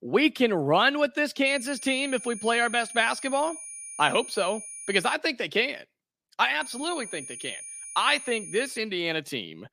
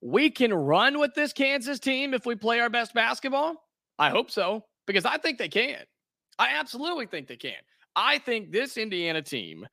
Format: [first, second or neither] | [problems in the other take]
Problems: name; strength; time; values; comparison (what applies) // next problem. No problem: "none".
second | high-pitched whine; noticeable; from 1.5 to 5 s and from 6.5 to 9 s; 9.5 kHz, 10 dB below the speech